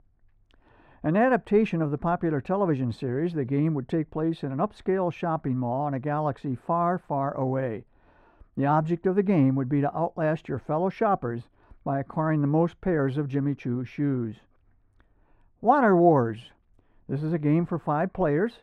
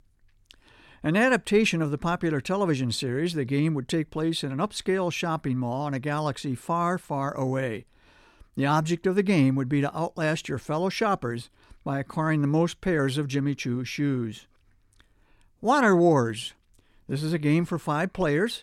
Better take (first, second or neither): second